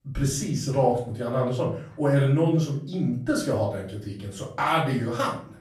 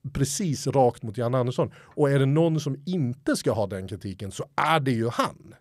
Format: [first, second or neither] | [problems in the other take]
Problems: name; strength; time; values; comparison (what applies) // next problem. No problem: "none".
second | off-mic speech; far // room echo; slight; dies away in 0.4 s